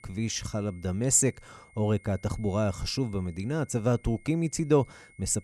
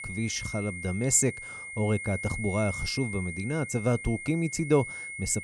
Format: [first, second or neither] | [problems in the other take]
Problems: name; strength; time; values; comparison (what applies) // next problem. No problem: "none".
first | high-pitched whine; loud; throughout; 2 kHz, 8 dB below the speech; faint in the first